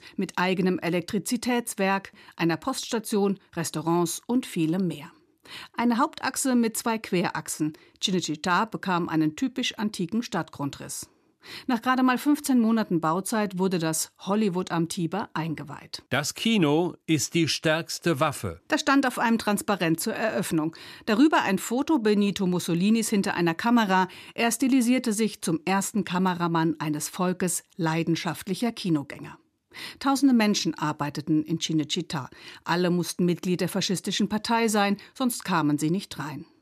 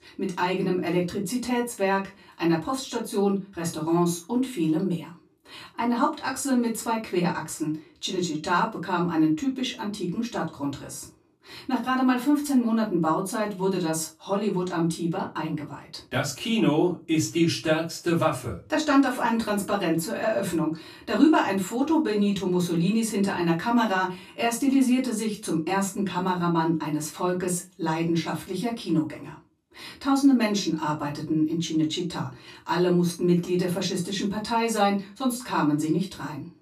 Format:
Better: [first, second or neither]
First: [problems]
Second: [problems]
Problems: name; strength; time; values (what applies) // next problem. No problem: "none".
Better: first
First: none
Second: off-mic speech; far // room echo; very slight; dies away in 0.2 s